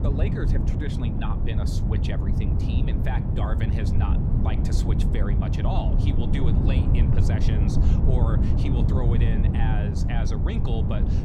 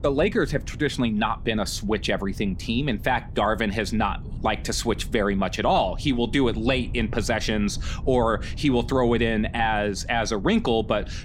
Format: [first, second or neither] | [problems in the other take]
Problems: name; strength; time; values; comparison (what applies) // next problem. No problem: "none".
second | wind noise on the microphone; heavy; 1 dB above the speech; occasional gusts in the second